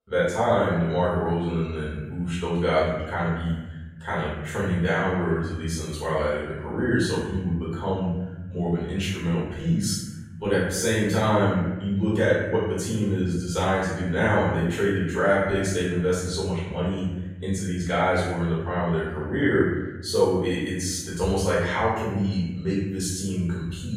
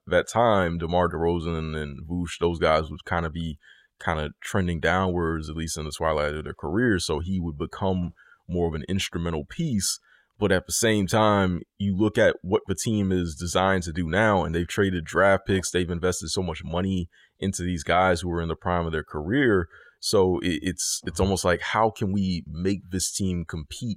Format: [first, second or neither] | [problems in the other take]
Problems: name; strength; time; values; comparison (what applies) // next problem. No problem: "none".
second | off-mic speech; far // room echo; strong; dies away in 1.2 s